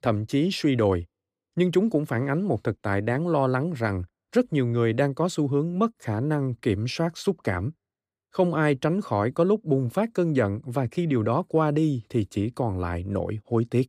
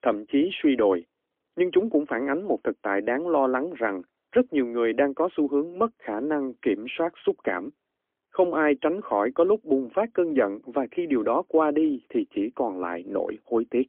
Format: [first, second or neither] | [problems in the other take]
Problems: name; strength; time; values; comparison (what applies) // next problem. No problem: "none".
first | phone-call audio; poor line; nothing above 3.5 kHz